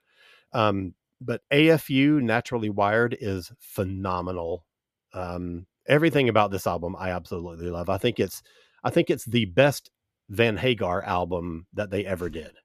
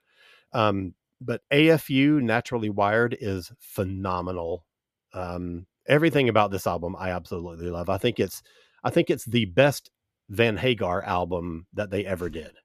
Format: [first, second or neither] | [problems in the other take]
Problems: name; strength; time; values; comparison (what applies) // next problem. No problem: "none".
neither | none